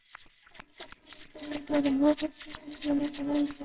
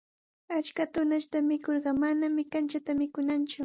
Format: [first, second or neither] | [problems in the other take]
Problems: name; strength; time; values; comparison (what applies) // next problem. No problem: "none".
second | noise reduction (neural separator model SepFormer WHAMR!)